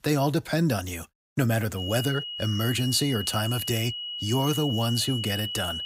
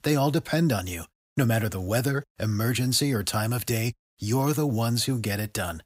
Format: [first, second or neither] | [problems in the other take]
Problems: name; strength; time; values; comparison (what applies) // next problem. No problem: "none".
second | high-pitched whine; loud; from 2 s on; 3 kHz, 5 dB below the speech